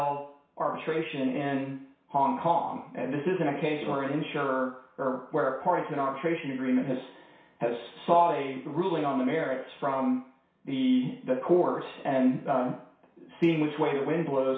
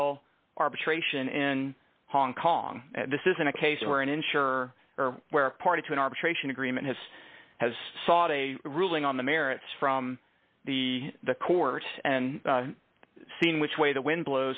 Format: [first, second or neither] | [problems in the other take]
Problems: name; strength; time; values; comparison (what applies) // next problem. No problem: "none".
second | room echo; dies away in 0.6 s